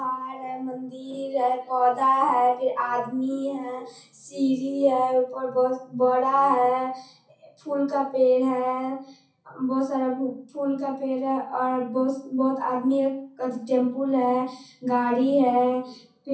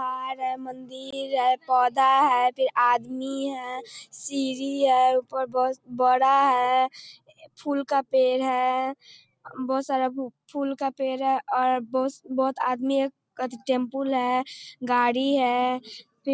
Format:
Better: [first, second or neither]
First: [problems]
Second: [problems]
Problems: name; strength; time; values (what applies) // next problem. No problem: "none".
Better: second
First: room echo; dies away in 0.6 s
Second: none